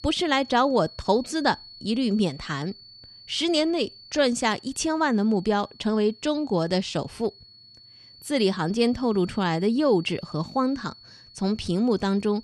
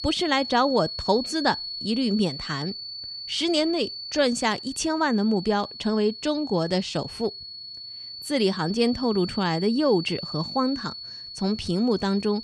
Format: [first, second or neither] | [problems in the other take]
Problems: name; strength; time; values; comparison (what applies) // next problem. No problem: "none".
first | high-pitched whine; loud; throughout; 4.5 kHz, 9 dB below the speech; faint in the first